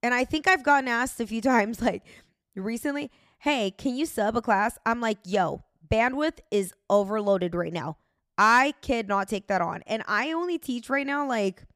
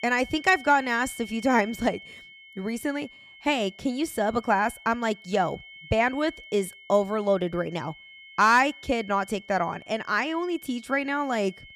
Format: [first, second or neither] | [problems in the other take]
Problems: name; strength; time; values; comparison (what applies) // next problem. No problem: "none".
first | high-pitched whine; noticeable; throughout; 2 kHz, 20 dB below the speech